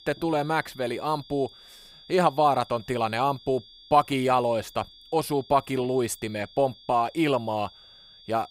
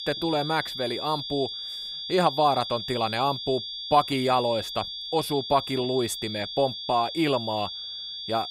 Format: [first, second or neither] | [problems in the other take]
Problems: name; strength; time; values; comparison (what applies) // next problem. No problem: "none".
first | high-pitched whine; loud; throughout; 3.5 kHz, 6 dB below the speech; faint in the first